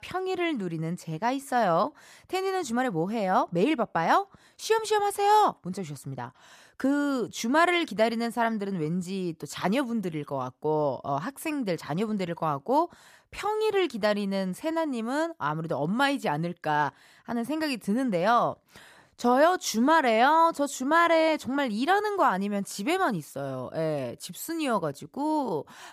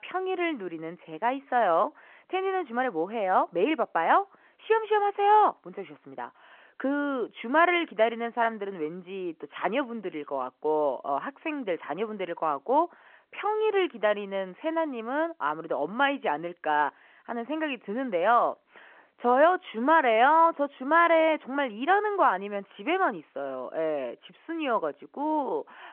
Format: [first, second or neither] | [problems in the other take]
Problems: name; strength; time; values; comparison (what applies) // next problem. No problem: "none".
first | phone-call audio